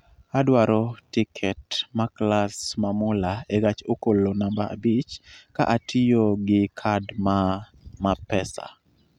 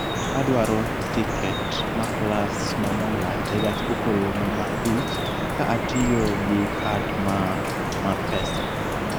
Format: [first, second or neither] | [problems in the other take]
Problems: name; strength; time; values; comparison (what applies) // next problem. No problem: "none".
first | background sound (Drip); 1 dB above the speech